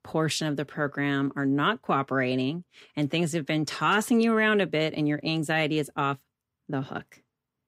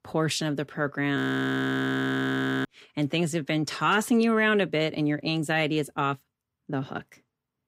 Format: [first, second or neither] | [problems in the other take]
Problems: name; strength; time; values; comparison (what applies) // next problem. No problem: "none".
first | audio freezing; at 1 s for 1.5 s